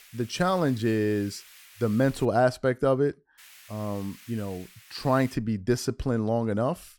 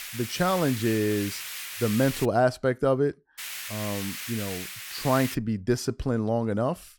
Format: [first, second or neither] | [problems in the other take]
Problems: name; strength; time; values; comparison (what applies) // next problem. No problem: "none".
first | hiss; loud; until 2.5 s and from 3.5 to 5.5 s; 8 dB below the speech; faint in the first